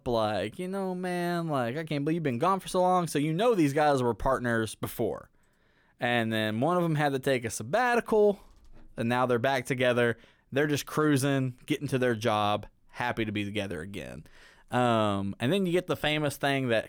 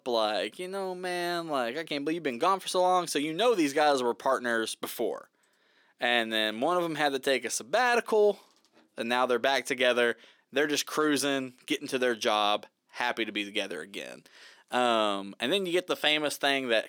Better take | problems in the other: first | thin; very slightly; fading below 250 Hz

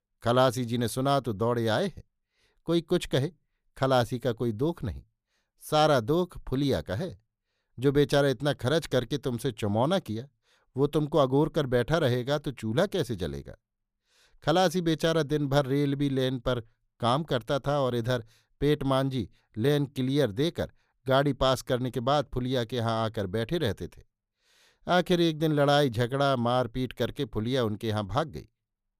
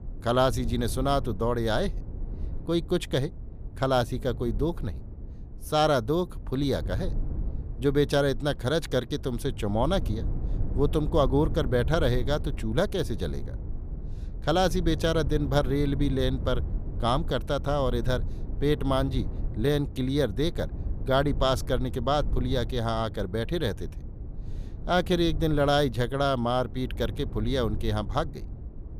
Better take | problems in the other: first | low rumble; faint; throughout; 20 dB below the speech

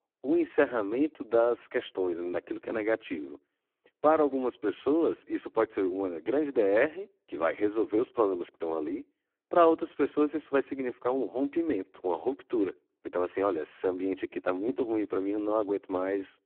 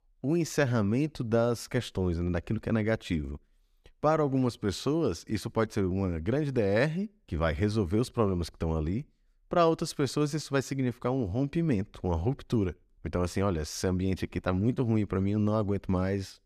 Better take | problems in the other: second | phone-call audio; poor line

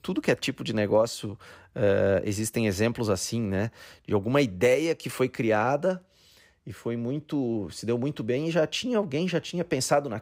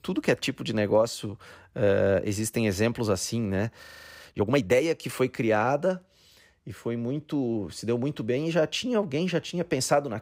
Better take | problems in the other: first | audio freezing; at 4 s

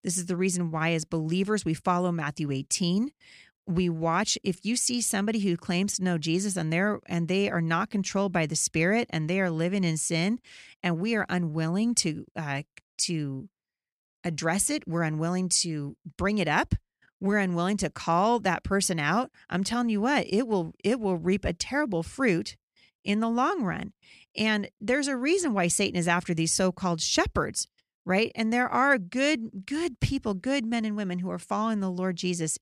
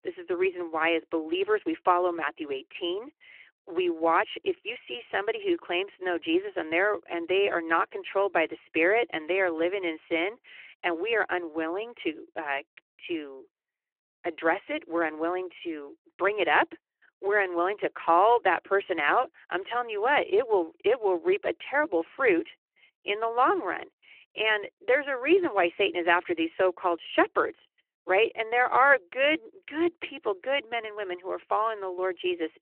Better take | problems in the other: first | phone-call audio

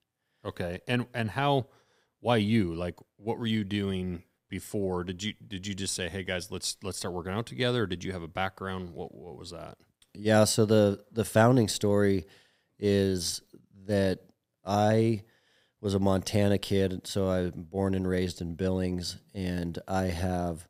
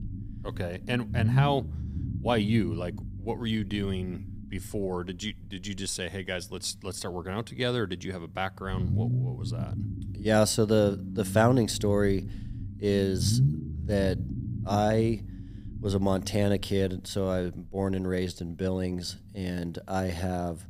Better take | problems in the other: first | low rumble; noticeable; throughout; 15 dB below the speech

